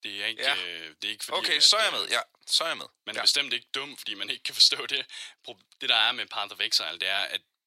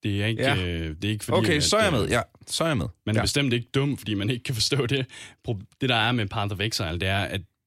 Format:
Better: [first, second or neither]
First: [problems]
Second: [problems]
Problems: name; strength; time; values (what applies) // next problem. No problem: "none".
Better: second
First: thin; very; fading below 800 Hz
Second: none